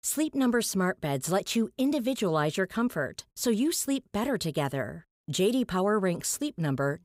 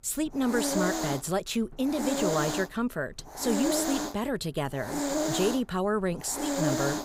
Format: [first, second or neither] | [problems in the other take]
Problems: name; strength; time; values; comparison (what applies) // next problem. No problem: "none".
first | hiss; loud; throughout; 1 dB below the speech